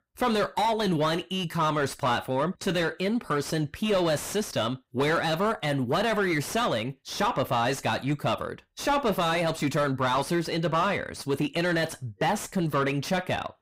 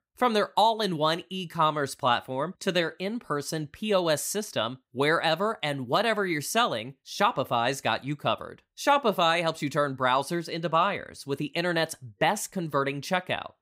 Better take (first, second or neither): second